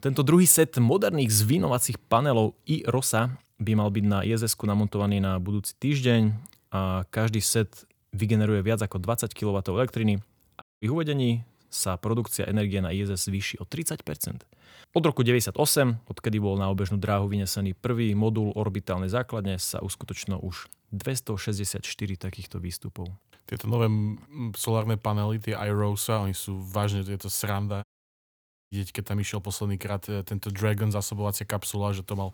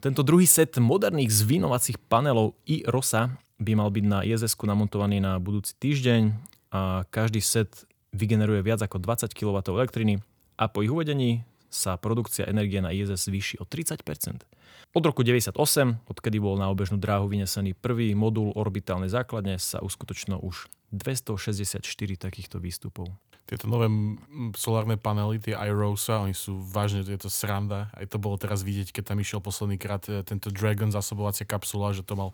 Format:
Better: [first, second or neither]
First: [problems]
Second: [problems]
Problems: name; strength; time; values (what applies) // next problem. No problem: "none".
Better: second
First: audio cutting out; at 11 s and at 28 s for 1 s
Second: none